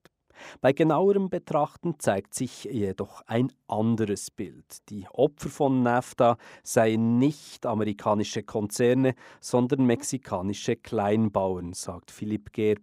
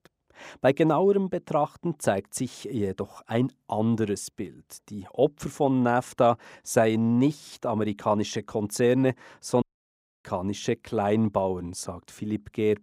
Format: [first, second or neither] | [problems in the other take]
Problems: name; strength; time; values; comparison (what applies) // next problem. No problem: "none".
first | audio cutting out; at 9.5 s for 0.5 s